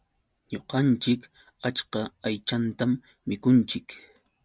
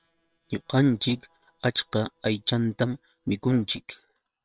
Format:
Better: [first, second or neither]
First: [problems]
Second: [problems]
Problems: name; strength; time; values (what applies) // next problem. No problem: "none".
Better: first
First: none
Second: noise reduction (neural separator model SepFormer WHAM!)